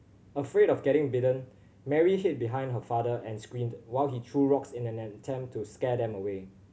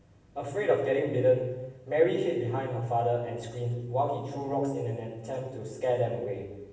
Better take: first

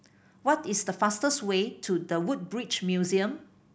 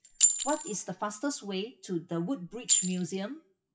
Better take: first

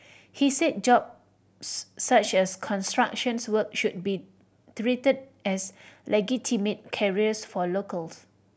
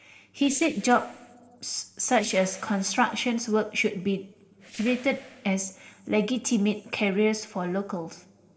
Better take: first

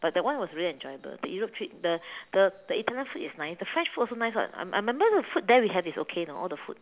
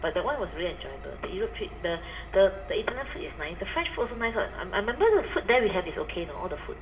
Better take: first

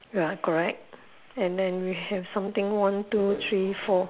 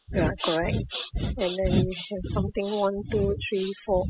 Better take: first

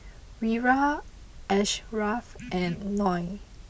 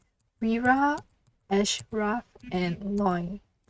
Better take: first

